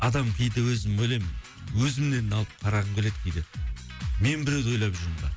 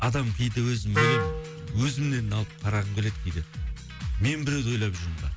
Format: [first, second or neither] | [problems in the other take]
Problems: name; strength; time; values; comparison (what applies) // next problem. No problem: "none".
first | background sound (Wind instrument, woodwind instrument); 8 dB below the speech